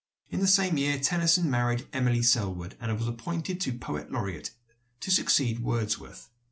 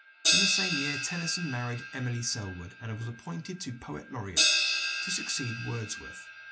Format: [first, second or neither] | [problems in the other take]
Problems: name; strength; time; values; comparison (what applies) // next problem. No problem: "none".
first | background sound (Crash cymbal); 4 dB above the speech